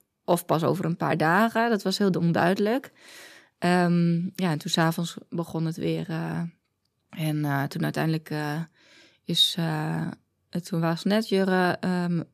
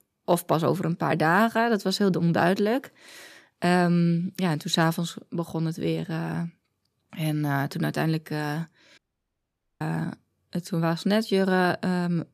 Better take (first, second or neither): first